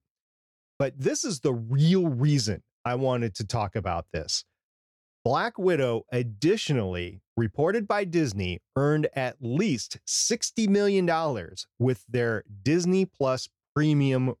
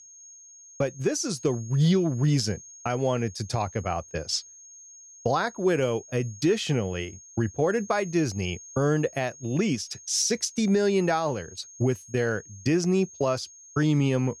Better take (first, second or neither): first